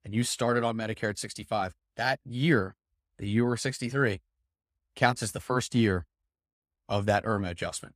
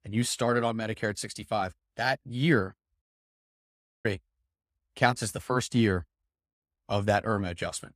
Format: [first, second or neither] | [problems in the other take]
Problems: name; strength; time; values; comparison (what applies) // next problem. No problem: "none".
first | audio cutting out; at 3 s for 1 s